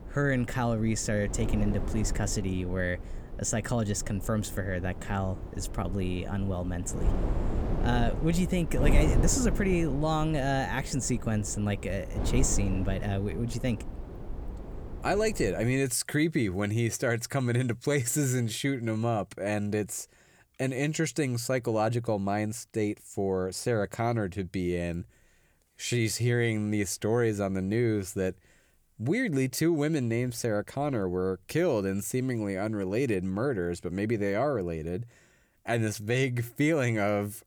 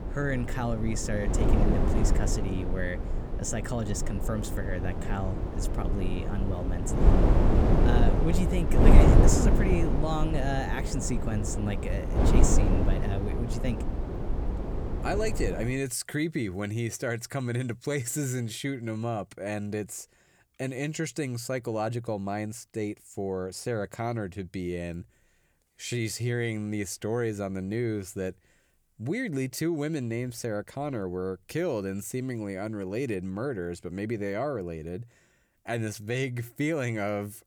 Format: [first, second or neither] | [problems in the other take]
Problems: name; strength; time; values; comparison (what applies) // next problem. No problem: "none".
first | wind noise on the microphone; heavy; until 16 s; as loud as the speech; occasional gusts in the first